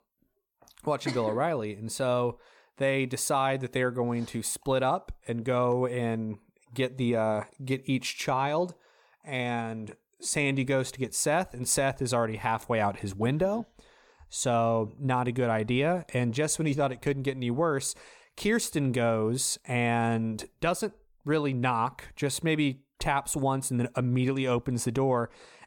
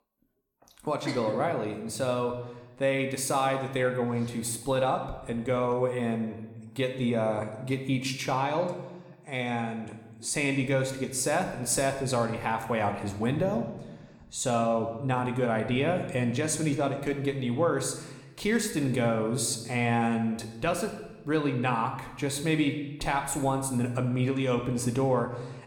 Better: first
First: none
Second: room echo; slight; dies away in 0.9 s

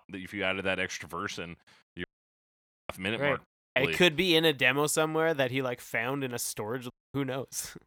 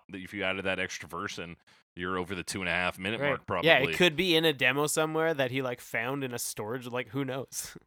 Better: second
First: audio cutting out; at 2 s for 1 s, at 3.5 s and at 7 s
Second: none

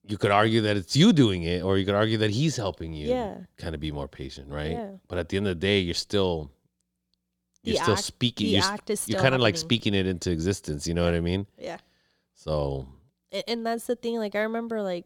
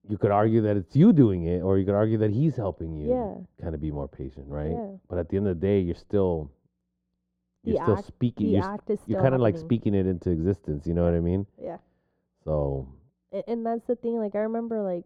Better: first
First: none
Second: muffled; very; fading above 2 kHz

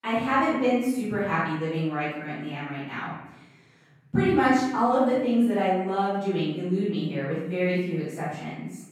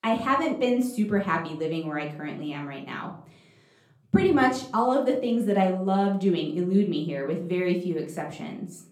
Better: second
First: room echo; strong; dies away in 0.8 s // off-mic speech; far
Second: room echo; slight; dies away in 0.5 s // off-mic speech; far

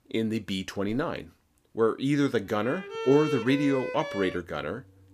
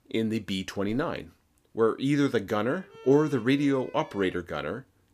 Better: second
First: background music; loud; from 2.5 s on; 7 dB below the speech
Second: background music; faint; from 2.5 s on; 20 dB below the speech

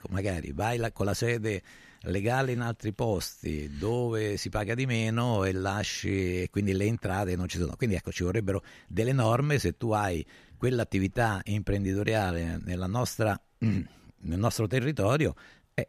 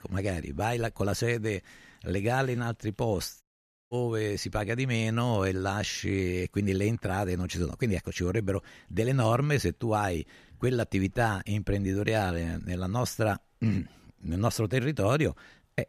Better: first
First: none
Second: audio cutting out; at 3.5 s

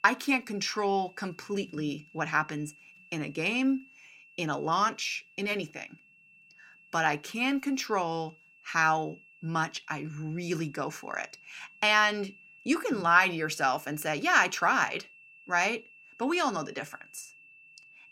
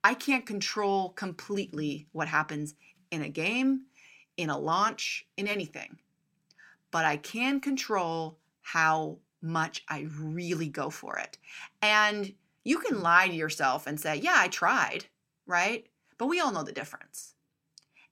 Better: second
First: high-pitched whine; faint; throughout; 2.5 kHz, 25 dB below the speech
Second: none

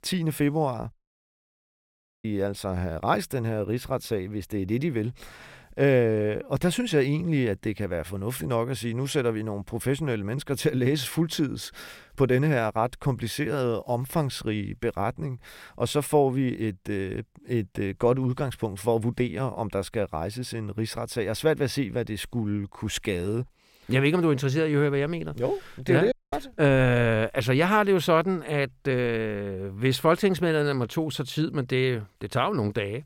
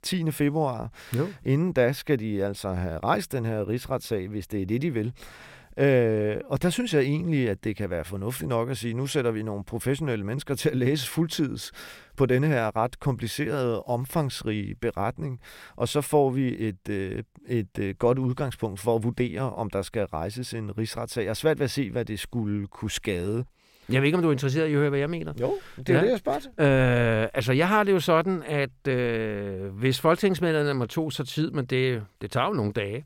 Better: second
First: audio cutting out; at 1 s for 1.5 s and at 26 s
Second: none

